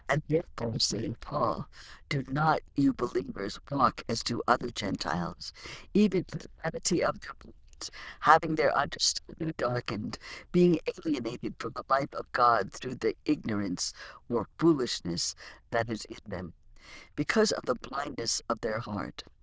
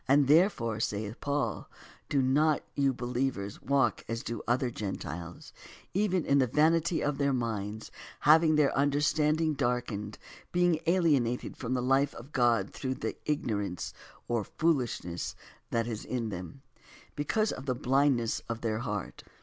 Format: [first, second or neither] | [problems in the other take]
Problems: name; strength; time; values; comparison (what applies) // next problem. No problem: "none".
second | noise reduction (neural diffusion model UNIVERSE++)